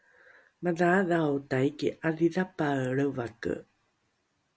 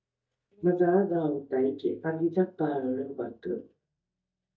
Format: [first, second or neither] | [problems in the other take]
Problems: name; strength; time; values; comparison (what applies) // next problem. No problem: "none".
first | noise reduction (neural mask model DeepFilterNet 3)